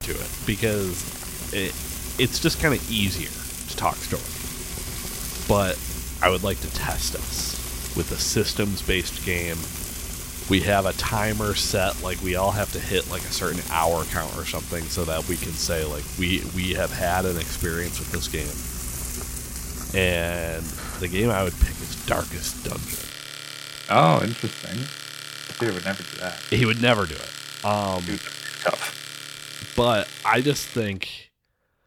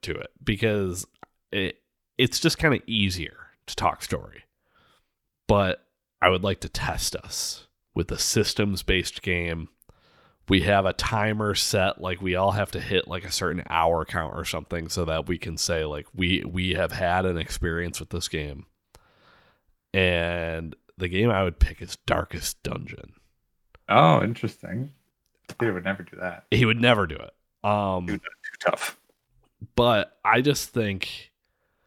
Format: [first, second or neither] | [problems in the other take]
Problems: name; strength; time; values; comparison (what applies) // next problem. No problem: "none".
second | household noises; loud; throughout; 7 dB below the speech